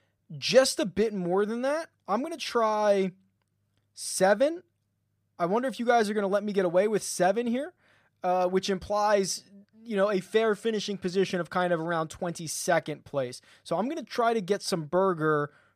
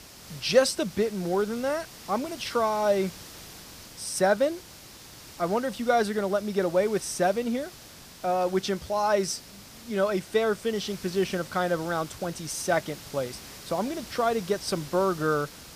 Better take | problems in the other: first | hiss; noticeable; throughout; 15 dB below the speech

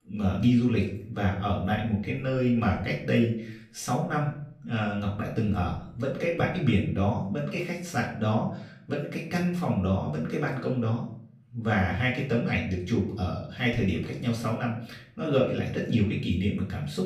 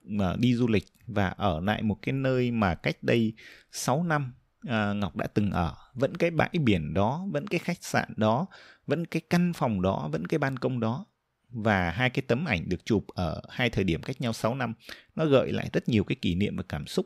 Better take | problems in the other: second | room echo; slight; dies away in 0.5 s // off-mic speech; far

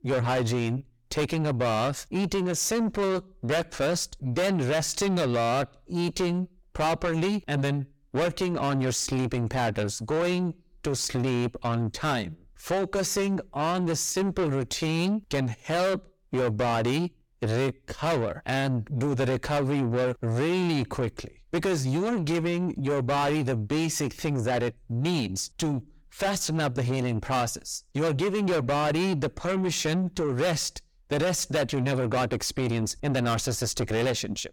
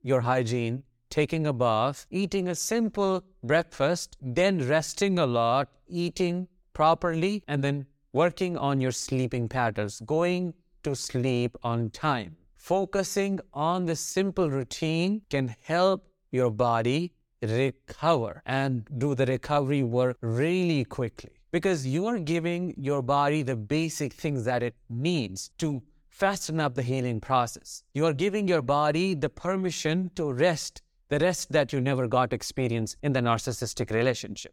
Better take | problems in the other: second | distortion; heavy; 7 dB below the speech

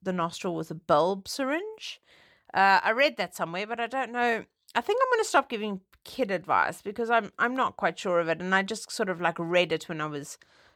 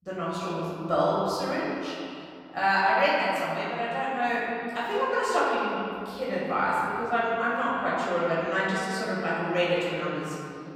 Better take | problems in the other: first | off-mic speech; far // room echo; strong; dies away in 2.3 s

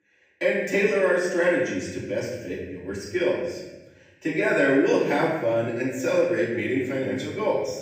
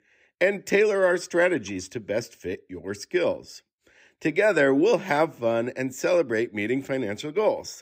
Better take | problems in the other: second | room echo; noticeable; dies away in 1.1 s // off-mic speech; far

